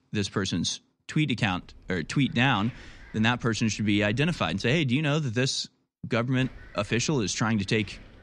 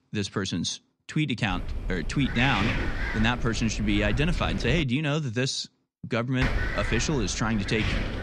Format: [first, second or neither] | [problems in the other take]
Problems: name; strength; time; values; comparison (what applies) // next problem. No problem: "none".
first | wind noise on the microphone; heavy; from 1.5 to 5 s and from 6.5 s on; 4 dB below the speech; occasional gusts in the first